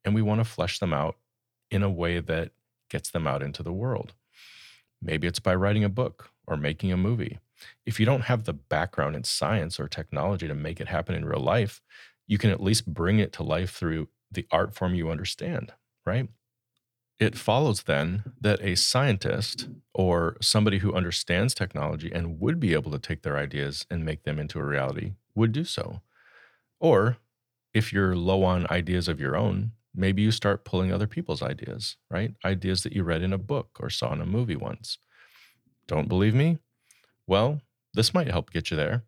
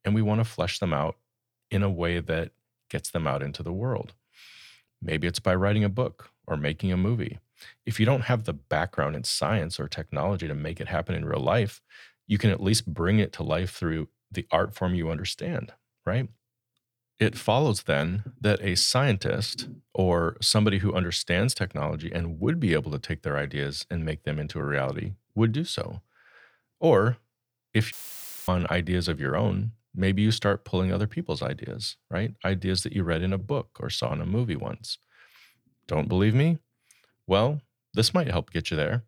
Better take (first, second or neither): first